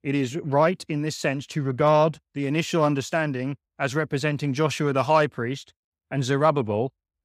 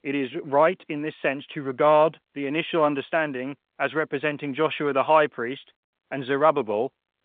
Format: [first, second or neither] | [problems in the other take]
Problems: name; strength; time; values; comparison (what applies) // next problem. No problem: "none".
first | phone-call audio